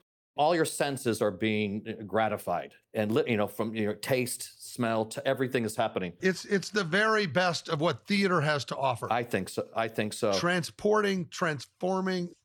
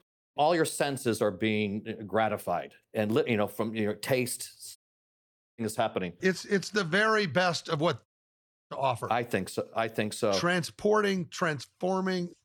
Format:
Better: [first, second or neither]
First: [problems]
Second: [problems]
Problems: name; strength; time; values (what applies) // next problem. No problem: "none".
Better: first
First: none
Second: audio cutting out; at 5 s for 1 s and at 8 s for 0.5 s